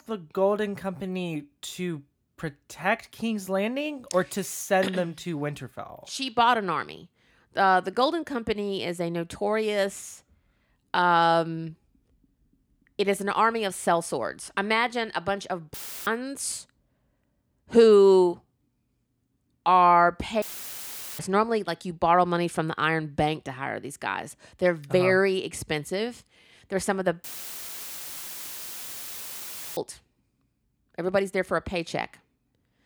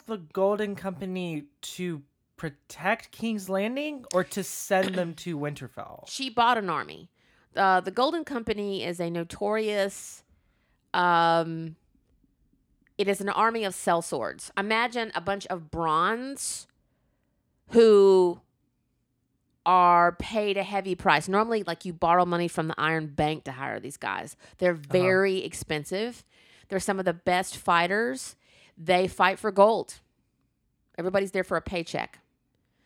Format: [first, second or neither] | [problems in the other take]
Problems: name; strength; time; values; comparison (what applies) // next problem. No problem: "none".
second | audio cutting out; filled with static; at 16 s, at 20 s for 1 s and at 27 s for 2.5 s